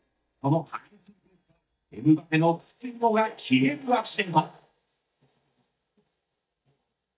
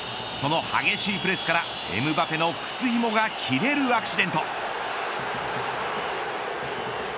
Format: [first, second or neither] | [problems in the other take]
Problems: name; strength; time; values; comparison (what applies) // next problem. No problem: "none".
second | noise reduction (neural mask model DeepFilterNet 3)